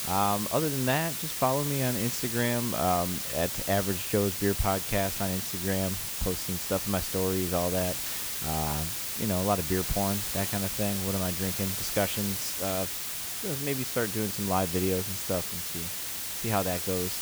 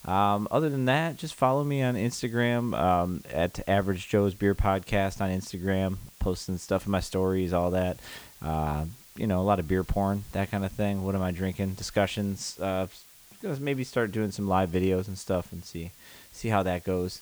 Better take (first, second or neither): second